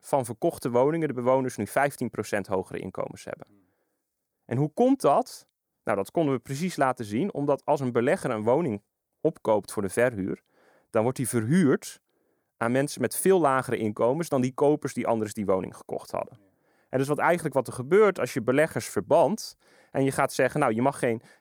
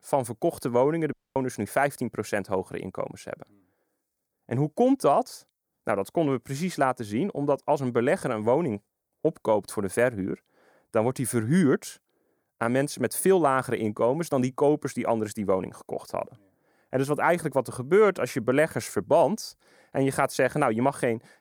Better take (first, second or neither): first